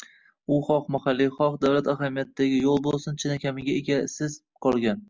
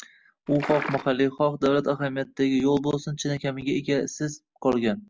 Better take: first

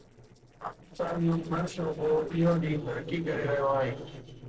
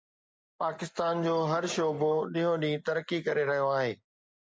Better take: second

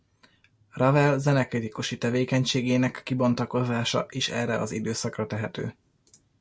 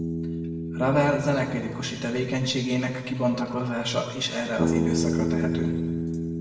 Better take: first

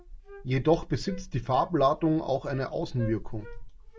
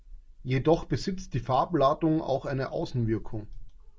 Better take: second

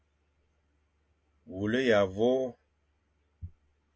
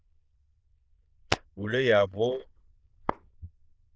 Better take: first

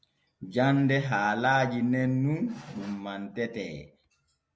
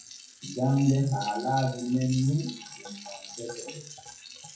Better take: first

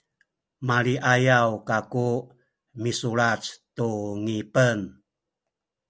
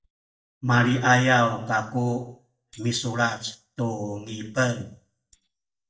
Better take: first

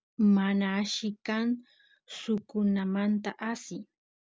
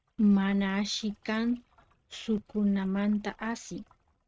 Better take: first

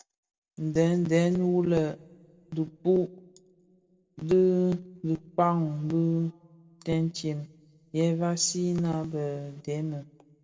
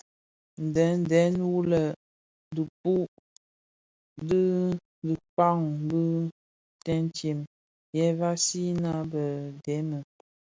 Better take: second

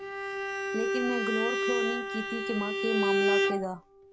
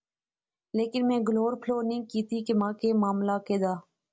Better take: second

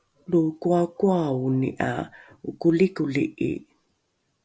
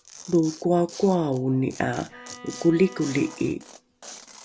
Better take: first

